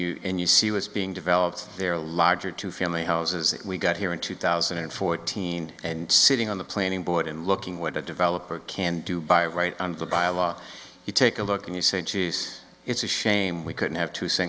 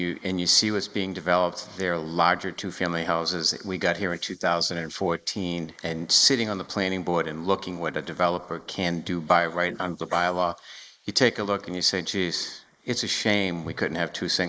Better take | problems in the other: first | noise reduction (neural mask model Resemble Enhance denoiser)

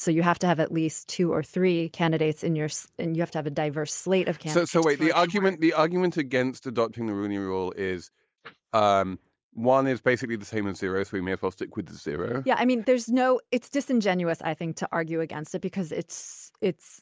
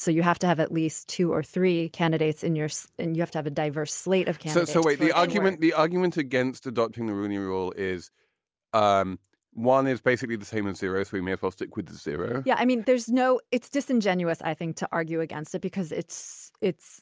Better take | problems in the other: second | noise reduction (neural mask model Resemble Enhance denoiser)

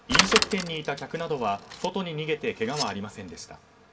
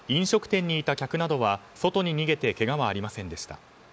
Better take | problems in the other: second | background sound (Bicycle); as loud as the speech // room echo; dies away in 1.1 s

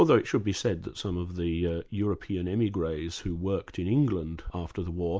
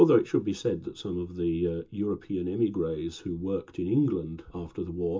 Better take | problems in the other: first | room echo; dies away in 0.2 s

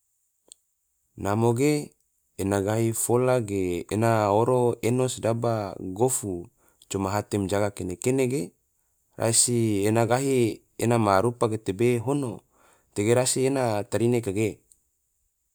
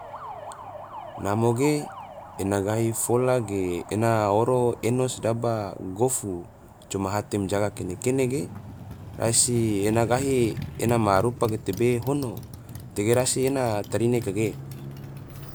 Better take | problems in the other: first | background sound (Motorcycle); 13 dB below the speech

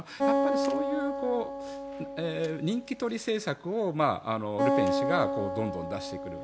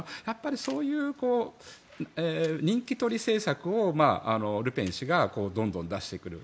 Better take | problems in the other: second | background sound (Acoustic guitar); as loud as the speech

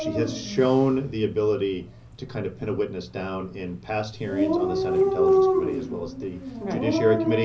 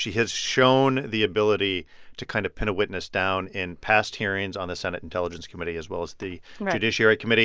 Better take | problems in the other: second | background sound (Dog); as loud as the speech // room echo; dies away in 0.5 s

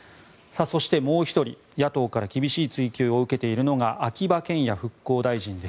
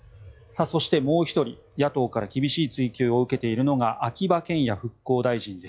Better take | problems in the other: first | noise reduction (classical method log-MMSE)

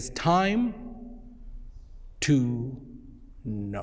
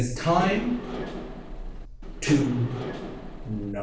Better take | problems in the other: first | background sound (Engine / Mechanisms); 8 dB below the speech // room echo; dies away in 0.4 s

